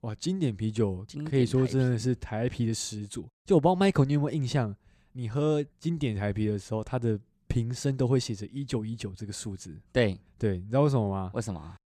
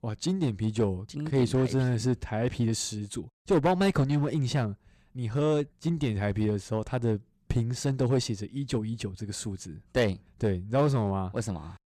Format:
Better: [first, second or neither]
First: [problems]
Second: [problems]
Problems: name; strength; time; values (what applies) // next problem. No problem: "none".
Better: first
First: none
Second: distortion; slight; 4% of the sound clipped